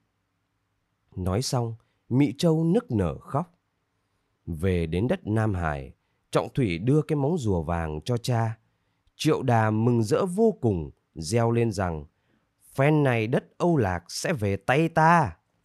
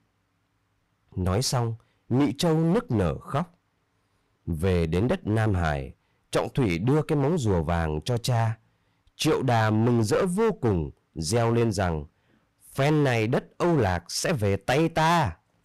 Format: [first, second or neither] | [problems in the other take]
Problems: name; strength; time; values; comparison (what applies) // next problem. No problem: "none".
first | distortion; heavy; 12% of the sound clipped